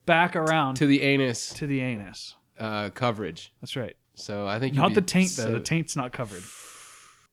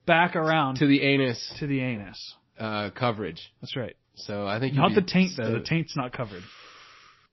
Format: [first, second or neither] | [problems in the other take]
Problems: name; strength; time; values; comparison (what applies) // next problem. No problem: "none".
first | garbled, watery; slightly; nothing above 5.5 kHz